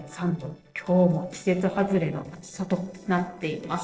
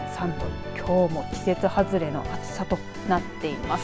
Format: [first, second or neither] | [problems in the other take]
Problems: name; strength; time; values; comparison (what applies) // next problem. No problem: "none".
second | noise reduction (neural separator model SepFormer DNS4)